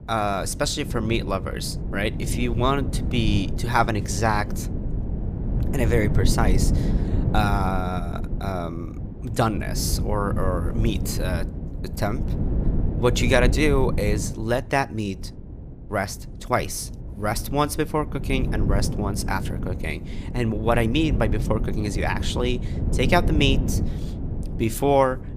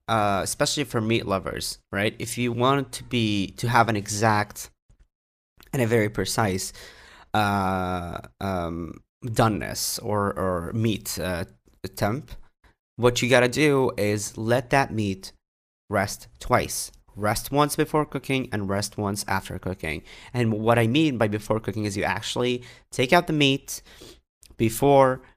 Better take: second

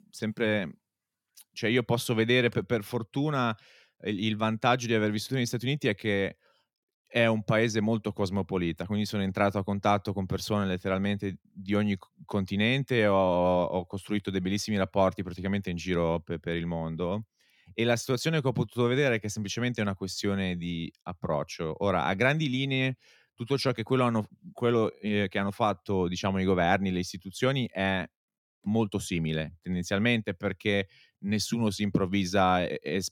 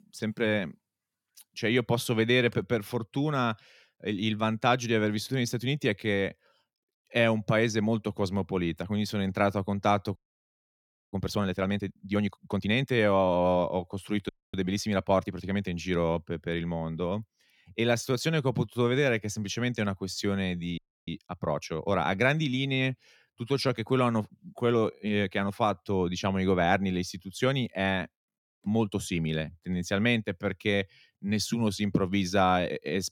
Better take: first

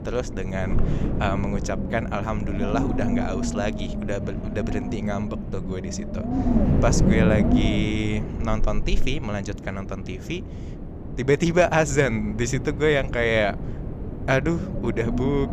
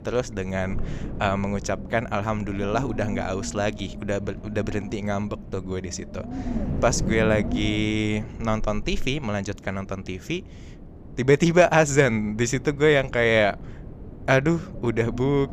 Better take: second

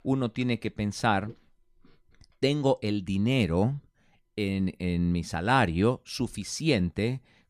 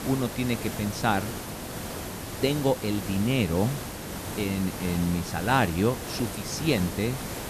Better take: first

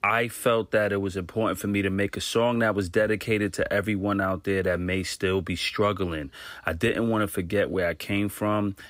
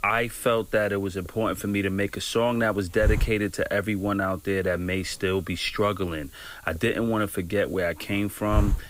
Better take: first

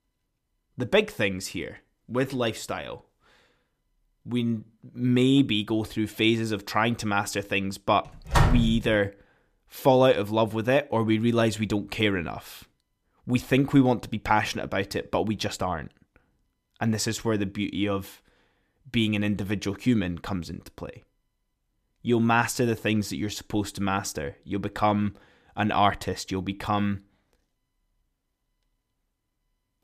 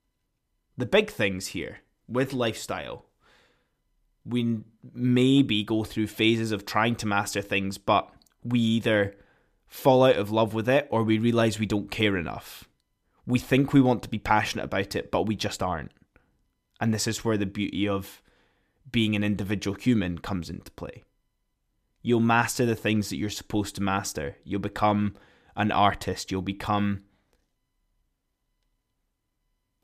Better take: second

